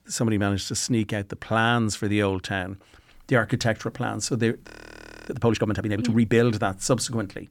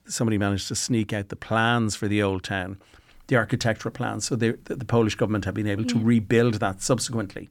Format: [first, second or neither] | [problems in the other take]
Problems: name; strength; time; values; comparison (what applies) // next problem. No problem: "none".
second | audio freezing; at 4.5 s for 0.5 s